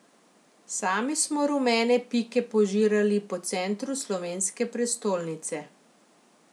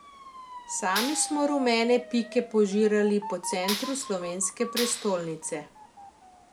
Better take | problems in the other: first | background sound (Motor vehicle (road) / Siren + Clapping); 11 dB below the speech

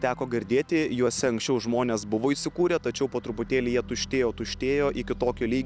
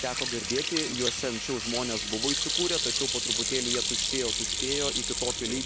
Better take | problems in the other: first | background sound (Sink (filling or washing) / Hands); 3 dB above the speech

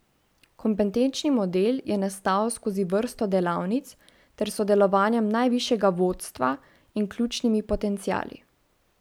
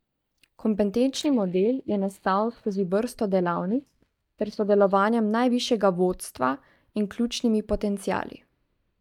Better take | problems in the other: first | noise reduction (neural mask model DeepFilterNet 3)

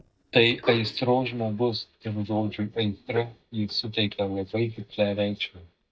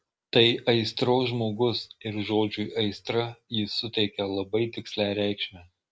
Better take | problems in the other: second | noise reduction (neural mask model DeepFilterNet 3)

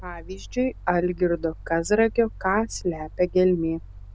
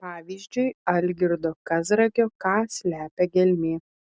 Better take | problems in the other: second | background sound (Mechanical fan); 16 dB below the speech

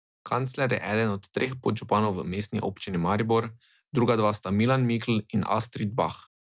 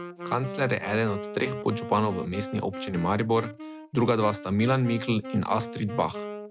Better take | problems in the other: first | background sound (Wind instrument, woodwind instrument); 11 dB below the speech

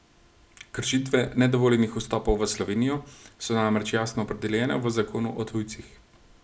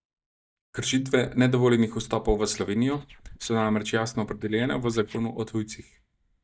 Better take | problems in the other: first | noise reduction (neural mask model DeepFilterNet 3)

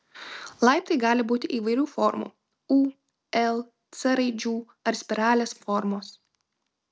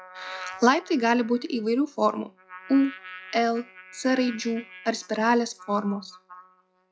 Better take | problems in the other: first | noise reduction (classical method log-MMSE)

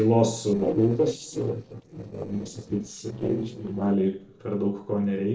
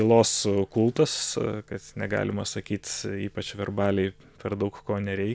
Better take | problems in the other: second | noise reduction (neural separator model SepFormer DNS4)

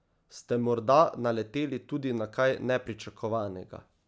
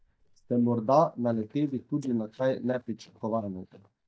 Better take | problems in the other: first | noise reduction (neural mask model DeepFilterNet 3)

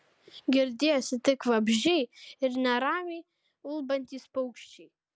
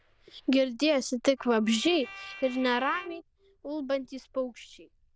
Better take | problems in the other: first | noise reduction (neural diffusion model UNIVERSE++)

